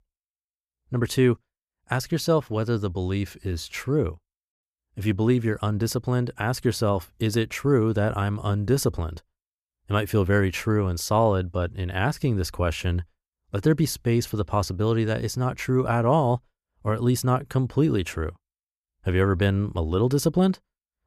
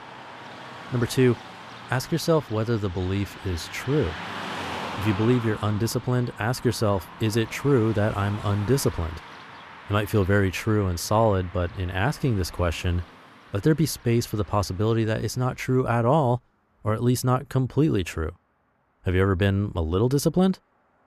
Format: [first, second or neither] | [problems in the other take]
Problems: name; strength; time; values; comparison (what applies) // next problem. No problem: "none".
first | traffic noise; noticeable; throughout; 15 dB below the speech